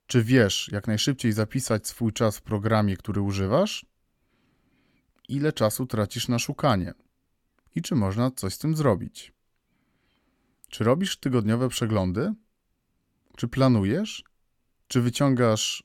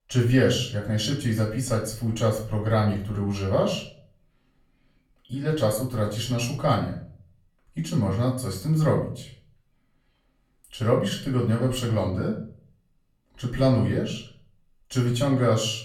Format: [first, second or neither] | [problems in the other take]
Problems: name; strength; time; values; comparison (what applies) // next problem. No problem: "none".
first | off-mic speech; far // room echo; slight; dies away in 0.4 s